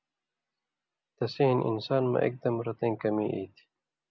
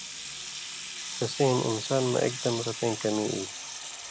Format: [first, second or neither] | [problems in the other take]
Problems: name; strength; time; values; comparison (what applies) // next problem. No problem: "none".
first | background sound (Sink (filling or washing) / Water tap, faucet); 7 dB below the speech